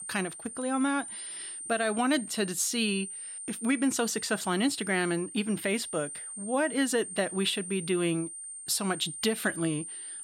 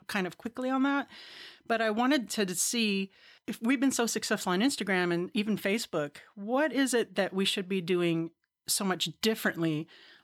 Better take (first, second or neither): second